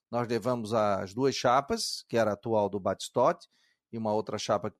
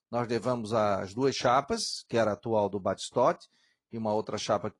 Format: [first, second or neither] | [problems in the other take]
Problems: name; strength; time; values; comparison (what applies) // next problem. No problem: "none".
first | garbled, watery; slightly; nothing above 10.5 kHz